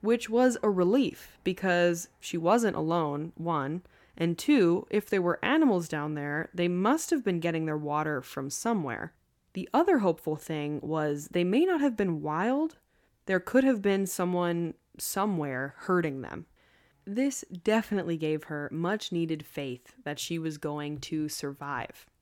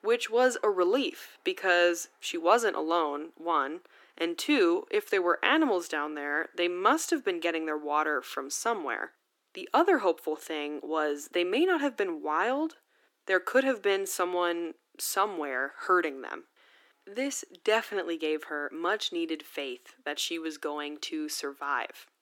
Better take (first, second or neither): first